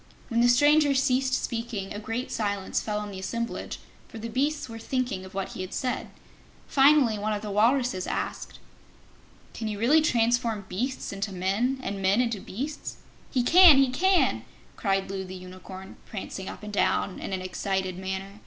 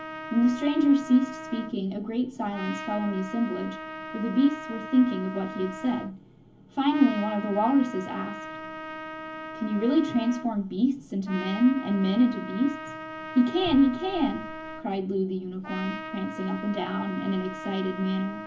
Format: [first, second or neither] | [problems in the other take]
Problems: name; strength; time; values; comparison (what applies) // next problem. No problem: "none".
first | background sound (Trumpet); 12 dB below the speech // room echo; dies away in 0.3 s